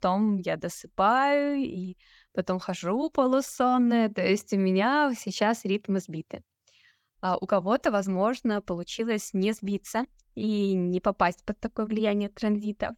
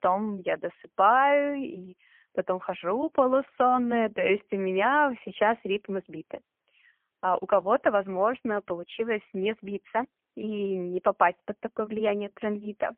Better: first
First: none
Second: phone-call audio; poor line; nothing above 3 kHz

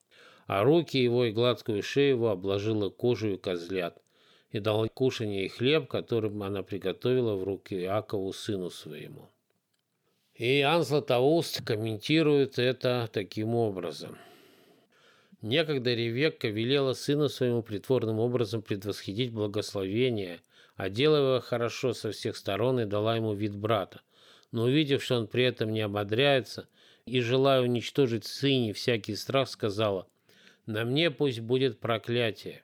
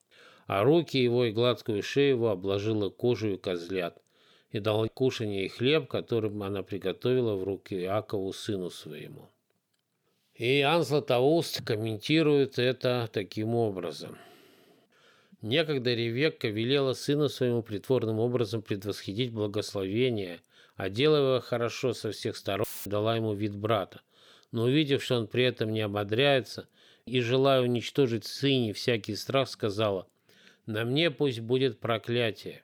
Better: first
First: none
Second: audio cutting out; filled with static; at 23 s

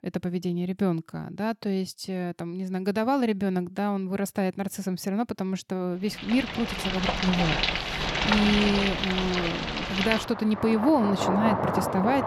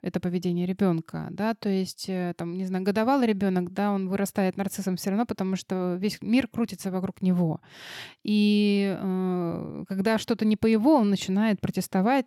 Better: second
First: rain or running water; loud; from 6.5 s on; as loud as the speech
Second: none

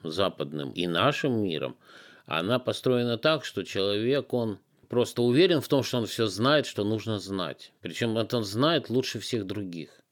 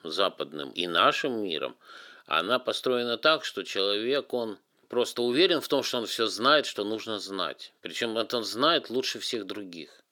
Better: first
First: none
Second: thin; somewhat; fading below 350 Hz

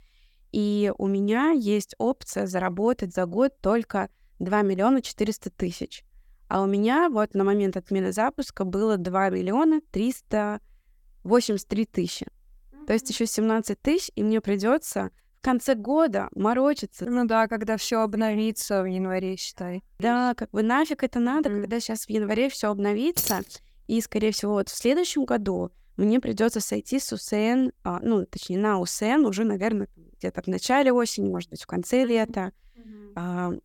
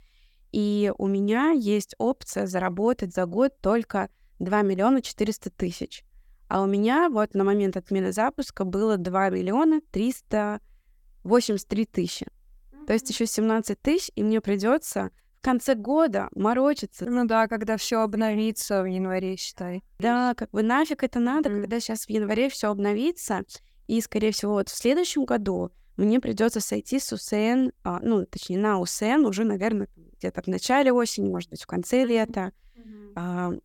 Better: second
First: jangling keys; noticeable; at 23 s; peak 1 dB below the speech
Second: none

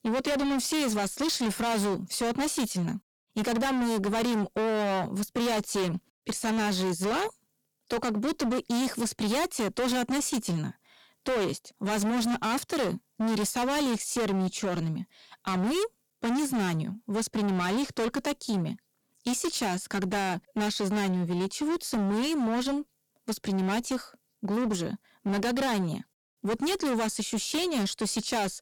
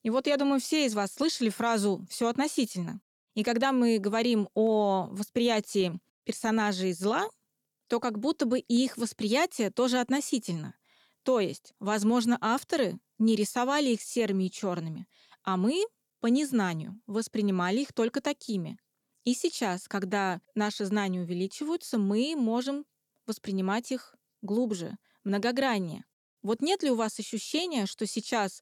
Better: second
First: distortion; heavy; 31% of the sound clipped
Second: none

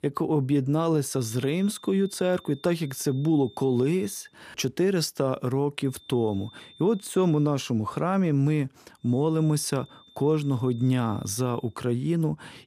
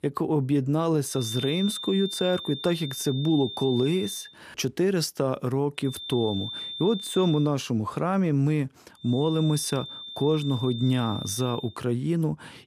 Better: first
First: high-pitched whine; faint; from 1 to 4 s, from 6 to 7.5 s and from 9 to 12 s; 3.5 kHz, 25 dB below the speech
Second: high-pitched whine; loud; from 1 to 4 s, from 6 to 7.5 s and from 9 to 12 s; 3.5 kHz, 9 dB below the speech

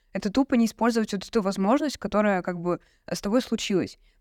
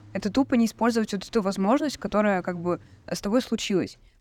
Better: first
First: none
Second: traffic noise; faint; throughout; 30 dB below the speech

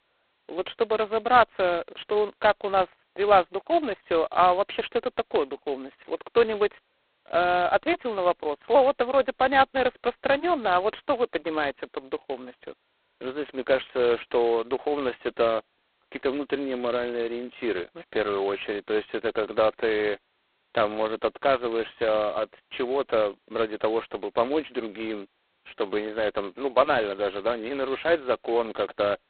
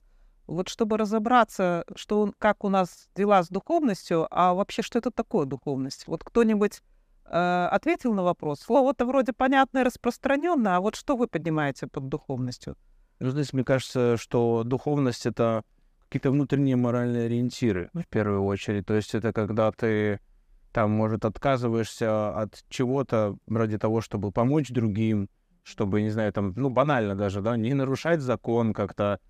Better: second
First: phone-call audio; poor line; nothing above 4 kHz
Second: none

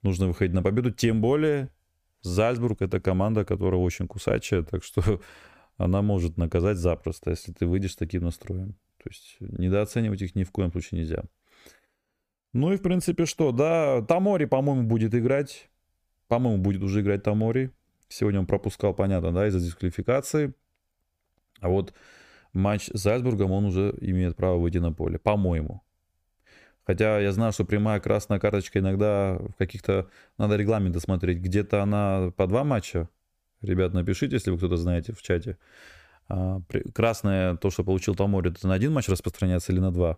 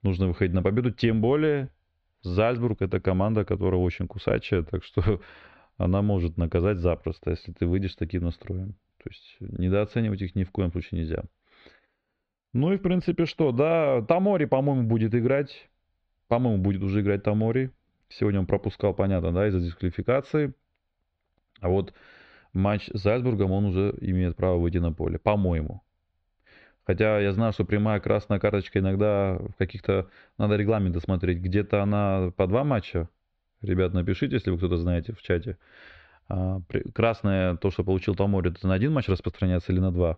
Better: first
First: none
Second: muffled; slightly; fading above 4 kHz

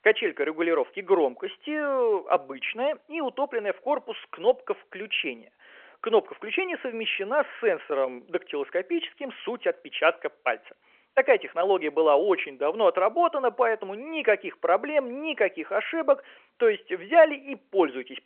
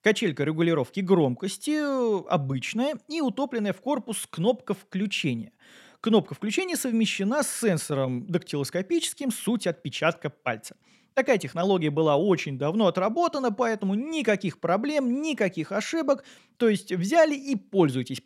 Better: second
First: phone-call audio; nothing above 3 kHz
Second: none

